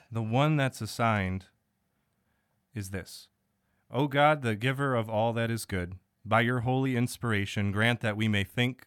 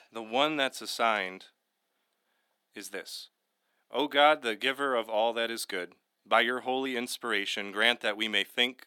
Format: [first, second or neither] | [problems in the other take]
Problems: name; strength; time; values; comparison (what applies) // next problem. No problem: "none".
first | thin; somewhat; fading below 300 Hz